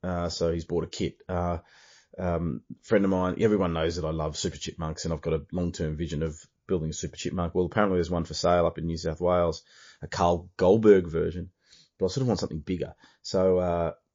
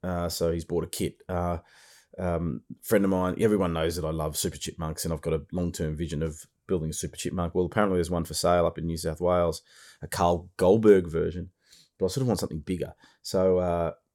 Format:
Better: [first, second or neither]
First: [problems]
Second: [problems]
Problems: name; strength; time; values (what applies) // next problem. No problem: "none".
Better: second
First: garbled, watery; slightly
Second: none